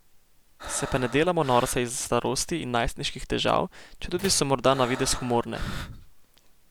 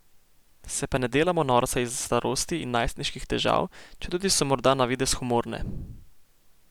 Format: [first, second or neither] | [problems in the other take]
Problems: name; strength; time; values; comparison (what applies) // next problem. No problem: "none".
second | background sound (Breathing + Slam); 14 dB below the speech